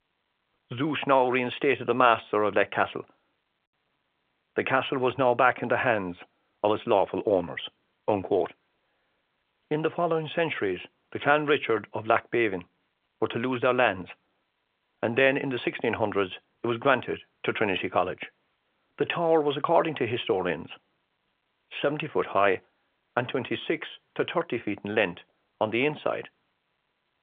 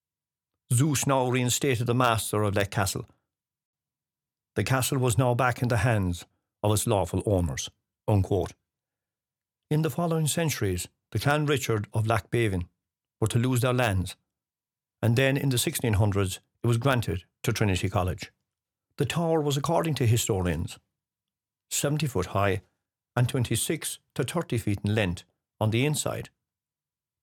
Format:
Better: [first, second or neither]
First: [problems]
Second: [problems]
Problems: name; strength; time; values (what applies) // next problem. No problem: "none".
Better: second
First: phone-call audio; nothing above 3.5 kHz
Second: none